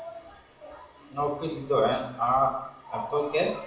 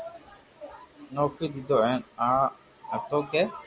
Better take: second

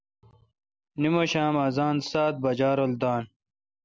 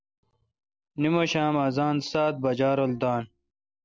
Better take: first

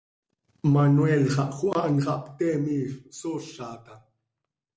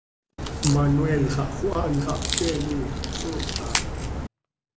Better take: first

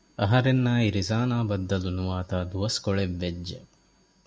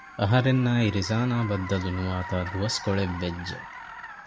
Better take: first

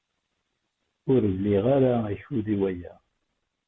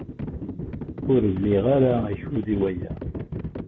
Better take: first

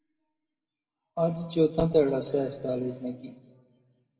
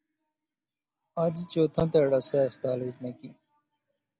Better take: second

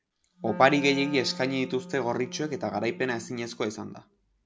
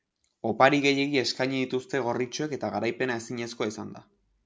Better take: second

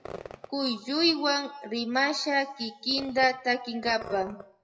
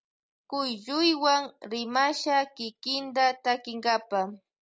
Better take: second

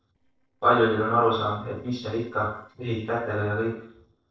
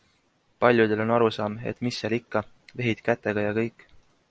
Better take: second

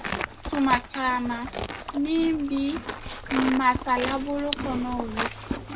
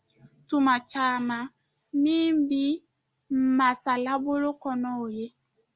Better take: second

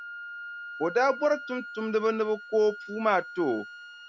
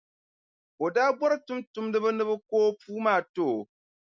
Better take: second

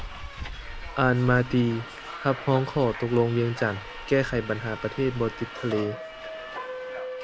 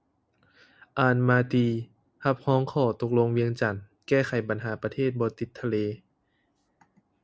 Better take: second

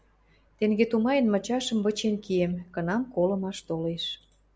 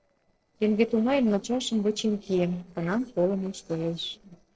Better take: first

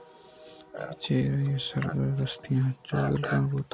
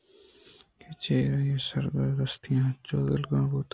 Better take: second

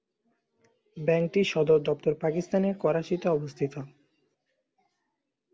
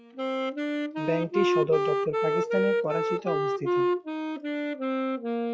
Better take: first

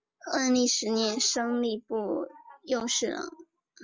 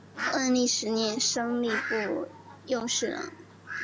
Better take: first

